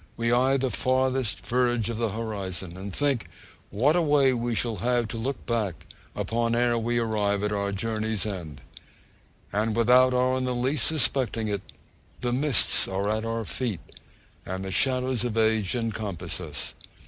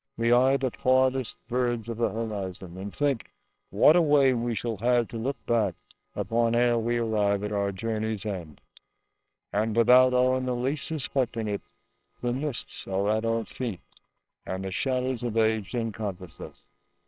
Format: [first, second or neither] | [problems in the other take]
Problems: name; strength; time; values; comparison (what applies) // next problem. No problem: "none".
first | noise reduction (neural separator model SepFormer WHAMR!)